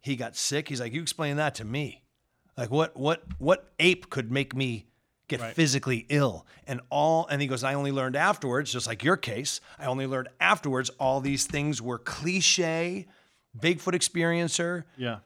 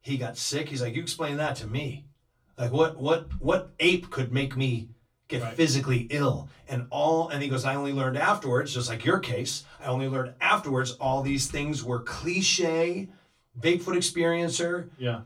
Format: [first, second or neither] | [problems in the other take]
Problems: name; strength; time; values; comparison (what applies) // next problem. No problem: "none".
first | off-mic speech; far // room echo; very slight; dies away in 0.2 s